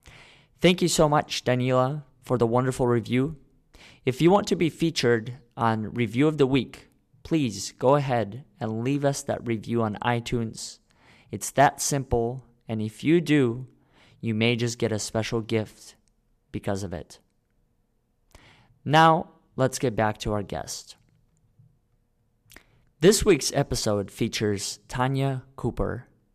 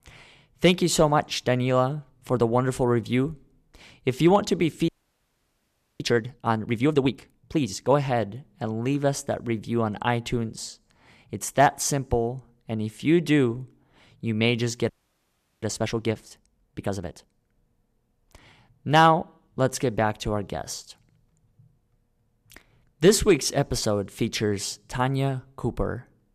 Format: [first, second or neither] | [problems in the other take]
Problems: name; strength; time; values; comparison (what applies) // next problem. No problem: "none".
first | audio freezing; at 5 s for 1 s and at 15 s for 0.5 s